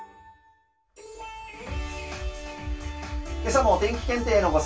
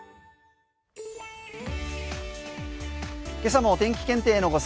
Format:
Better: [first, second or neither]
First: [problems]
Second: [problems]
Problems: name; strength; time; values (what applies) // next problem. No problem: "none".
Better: second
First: room echo; dies away in 0.1 s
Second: none